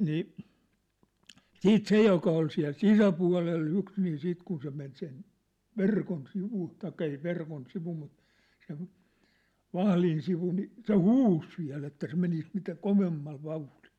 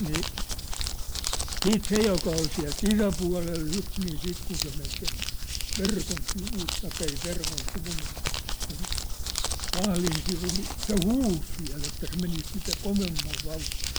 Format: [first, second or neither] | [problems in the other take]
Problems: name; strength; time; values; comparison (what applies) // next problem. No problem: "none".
first | background sound (Crumpling, crinkling); as loud as the speech